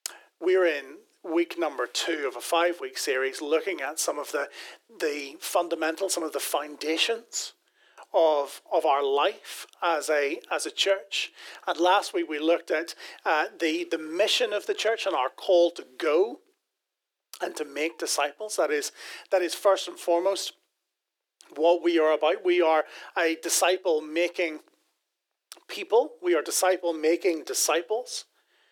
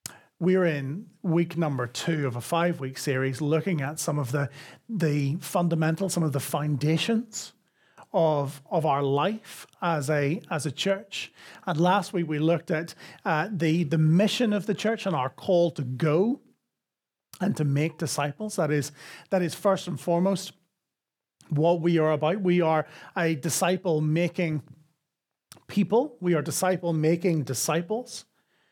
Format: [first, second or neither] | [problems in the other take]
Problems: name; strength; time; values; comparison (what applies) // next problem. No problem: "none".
second | thin; very; fading below 350 Hz